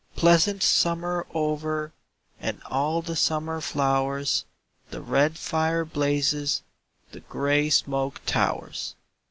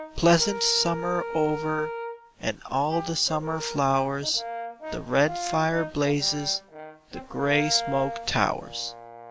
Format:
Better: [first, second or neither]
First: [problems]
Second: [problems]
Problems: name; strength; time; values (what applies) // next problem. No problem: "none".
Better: first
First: none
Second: background sound (Brass instrument); 9 dB below the speech